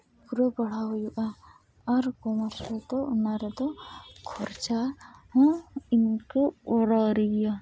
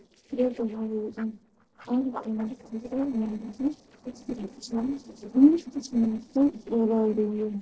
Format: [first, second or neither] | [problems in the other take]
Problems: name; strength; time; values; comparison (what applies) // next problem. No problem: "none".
first | noise reduction (neural separator model SepFormer DNS4)